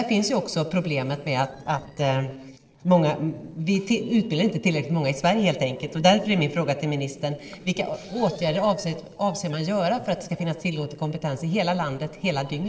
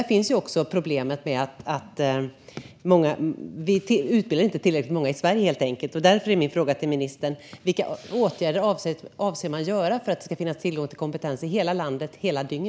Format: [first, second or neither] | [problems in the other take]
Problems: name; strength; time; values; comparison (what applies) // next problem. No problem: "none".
second | noise reduction (neural separator model SepFormer DNS4)